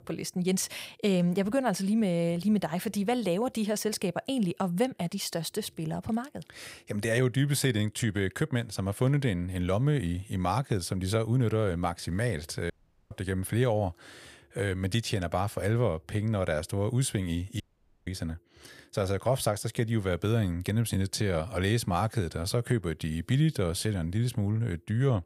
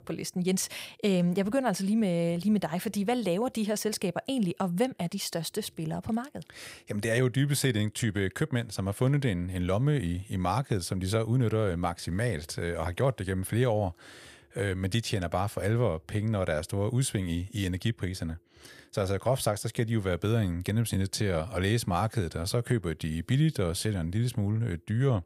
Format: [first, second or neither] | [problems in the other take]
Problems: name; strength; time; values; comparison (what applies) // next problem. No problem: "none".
second | audio cutting out; at 13 s and at 18 s